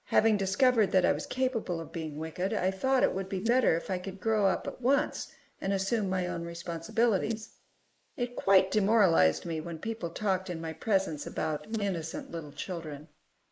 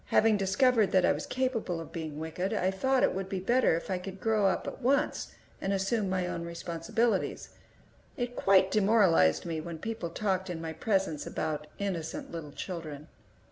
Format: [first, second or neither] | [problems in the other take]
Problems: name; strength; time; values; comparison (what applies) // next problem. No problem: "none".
second | noise reduction (neural mask model Resemble Enhance denoiser)